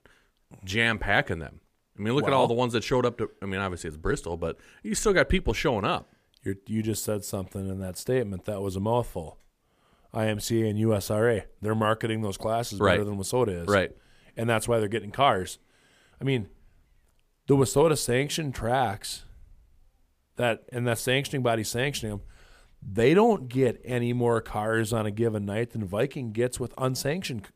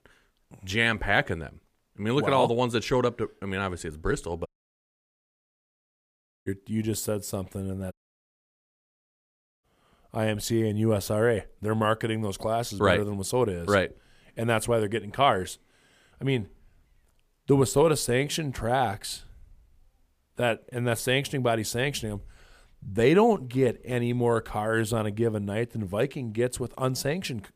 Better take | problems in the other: first | audio cutting out; at 4.5 s for 2 s and at 8 s for 1.5 s

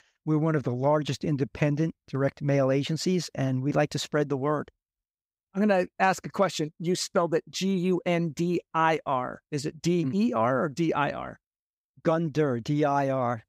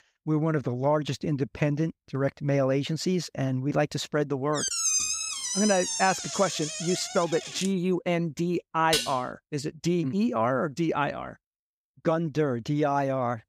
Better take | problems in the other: first | door banging; loud; from 4.5 to 7.5 s; peak 4 dB above the speech // clattering dishes; noticeable; at 9 s; peak level with the speech

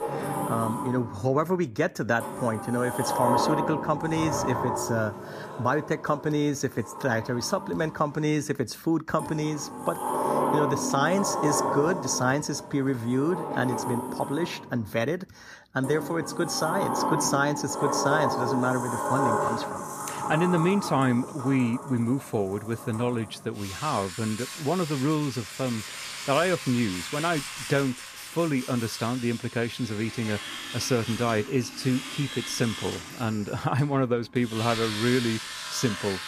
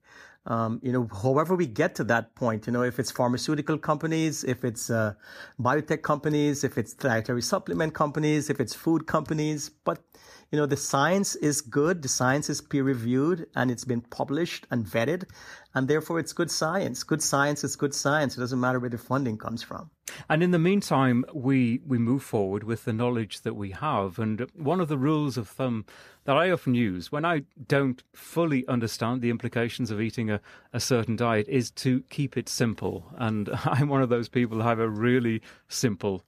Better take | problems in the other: second | household noises; loud; throughout; 4 dB below the speech

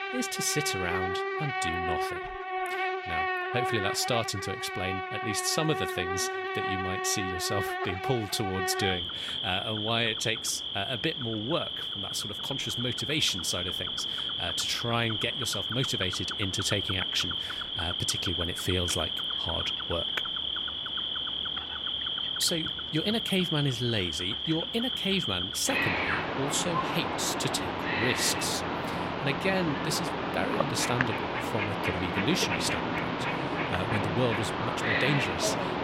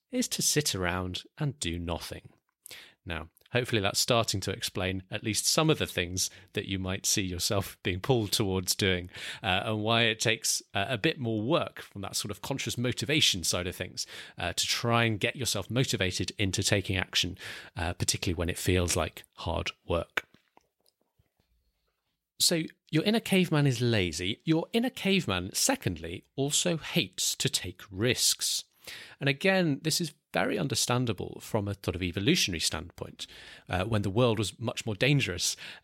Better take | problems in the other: second | animal sounds; very loud; throughout; 1 dB above the speech

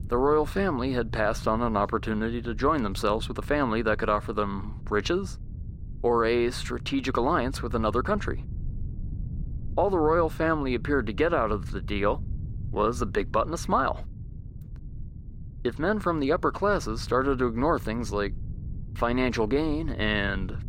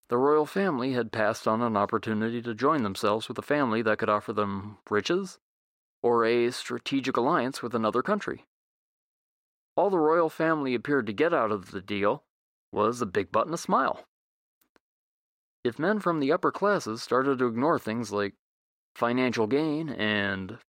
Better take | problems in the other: second | low rumble; faint; throughout; 25 dB below the speech

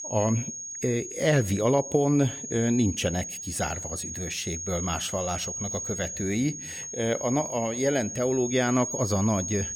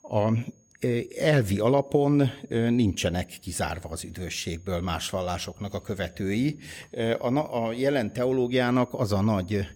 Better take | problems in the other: second | high-pitched whine; loud; throughout; 6.5 kHz, 6 dB below the speech; faint in the second

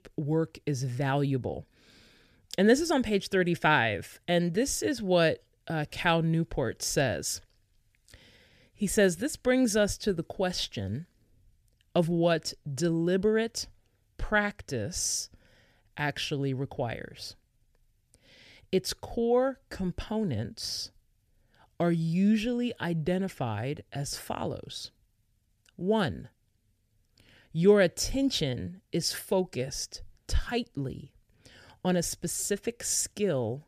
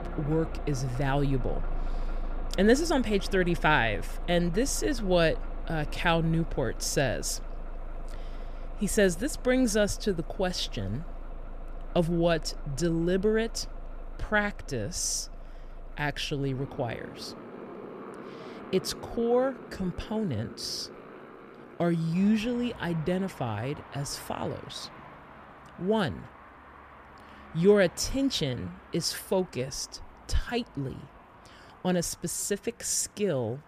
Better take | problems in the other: first | traffic noise; noticeable; throughout; 15 dB below the speech

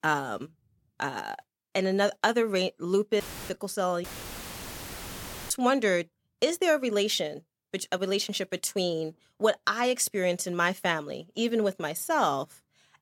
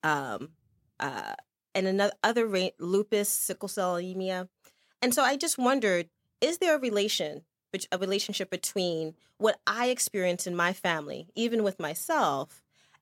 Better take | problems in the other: second | audio cutting out; filled with static; at 3 s and at 4 s for 1.5 s

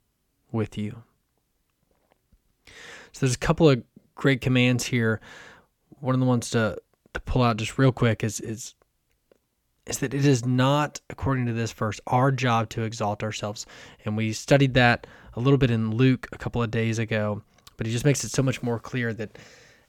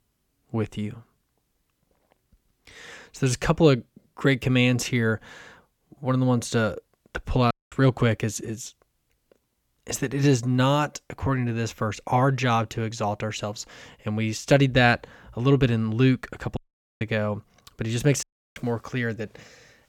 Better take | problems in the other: first | audio cutting out; at 7.5 s, at 17 s and at 18 s

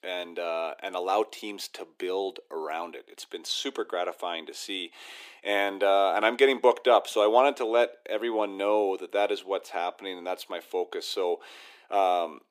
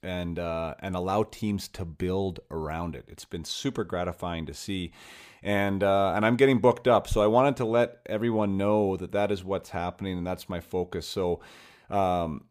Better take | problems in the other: second | thin; somewhat; fading below 300 Hz

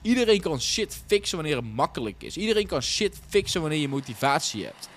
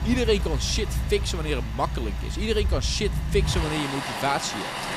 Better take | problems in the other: first | rain or running water; loud; throughout; 2 dB below the speech; faint in the first

